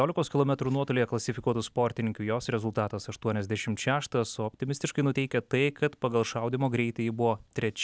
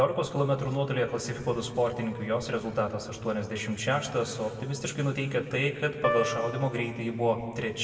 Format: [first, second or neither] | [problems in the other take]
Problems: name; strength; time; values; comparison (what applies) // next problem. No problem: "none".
first | background sound (Piano); 5 dB below the speech // room echo; dies away in 2 s